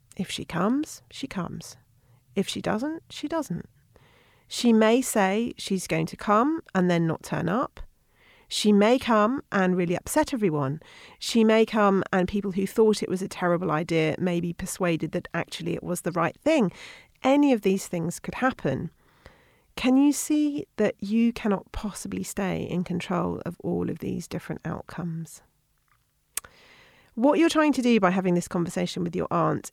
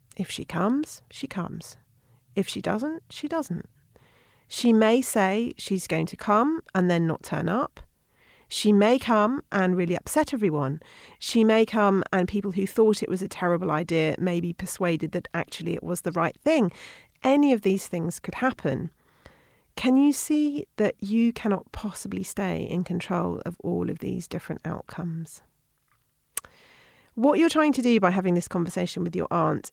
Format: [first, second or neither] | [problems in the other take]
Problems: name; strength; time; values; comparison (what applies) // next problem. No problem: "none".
first | garbled, watery; slightly